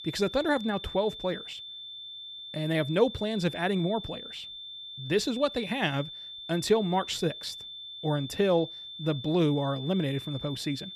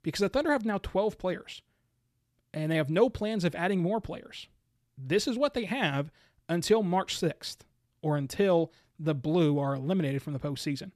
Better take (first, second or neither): second